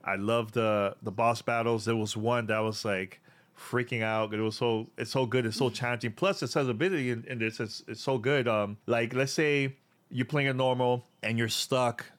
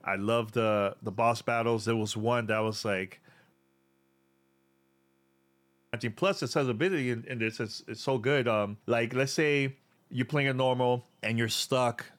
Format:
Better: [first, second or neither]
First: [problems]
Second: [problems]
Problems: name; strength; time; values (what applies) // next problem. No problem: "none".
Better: first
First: none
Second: audio freezing; at 3.5 s for 2.5 s